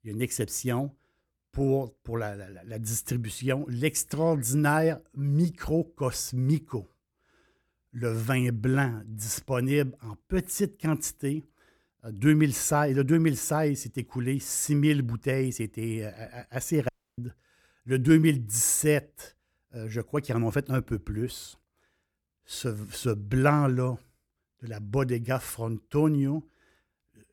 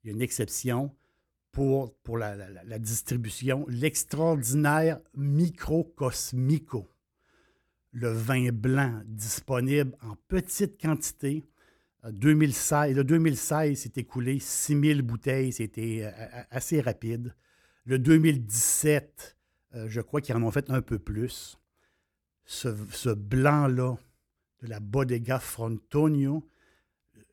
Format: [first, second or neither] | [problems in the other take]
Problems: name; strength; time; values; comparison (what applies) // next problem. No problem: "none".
second | audio cutting out; at 17 s